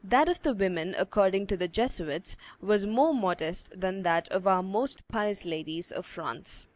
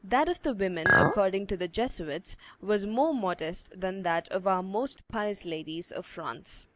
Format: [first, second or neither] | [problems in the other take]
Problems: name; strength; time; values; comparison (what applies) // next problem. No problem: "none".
first | background sound (Chink, clink); 4 dB above the speech